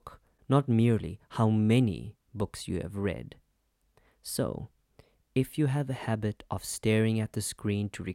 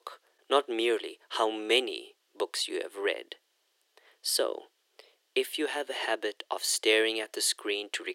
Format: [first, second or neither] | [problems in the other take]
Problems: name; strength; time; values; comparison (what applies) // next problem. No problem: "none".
first | thin; very; fading below 350 Hz